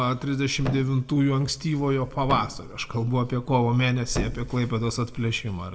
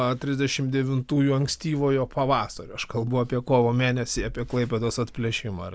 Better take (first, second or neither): second